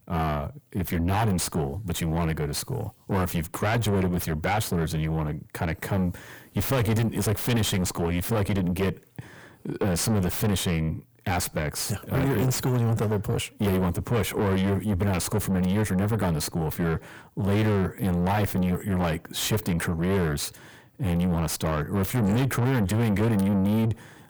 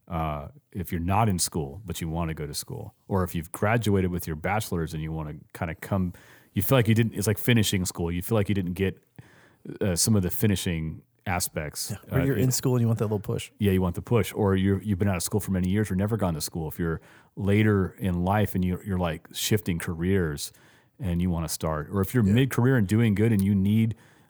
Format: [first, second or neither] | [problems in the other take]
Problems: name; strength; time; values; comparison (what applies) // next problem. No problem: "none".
second | distortion; heavy; 5 dB below the speech